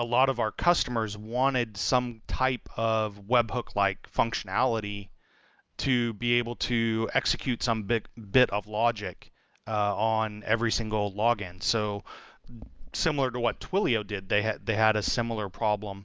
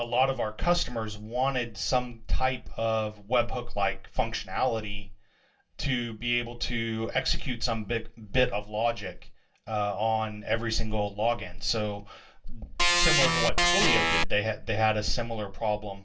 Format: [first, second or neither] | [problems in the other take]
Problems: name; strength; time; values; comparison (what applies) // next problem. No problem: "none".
first | background sound (Organ); 4 dB above the speech // room echo; dies away in 0.2 s